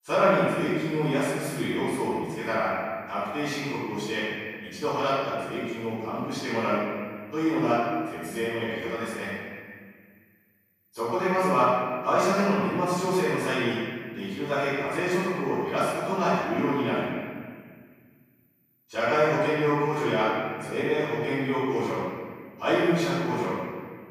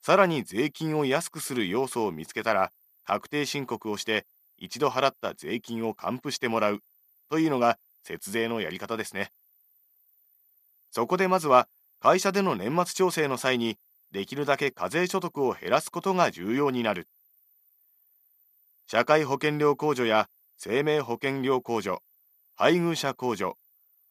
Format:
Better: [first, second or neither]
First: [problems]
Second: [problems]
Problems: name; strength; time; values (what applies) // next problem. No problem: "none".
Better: second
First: room echo; strong; dies away in 1.9 s // off-mic speech; far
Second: none